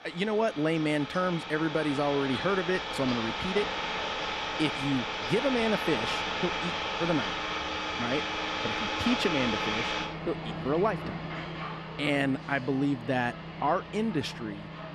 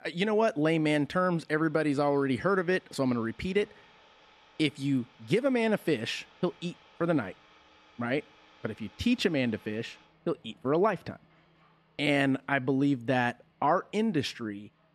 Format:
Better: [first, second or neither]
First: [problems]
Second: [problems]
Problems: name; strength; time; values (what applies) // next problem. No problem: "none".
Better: second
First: traffic noise; loud; throughout; 3 dB below the speech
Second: traffic noise; faint; throughout; 30 dB below the speech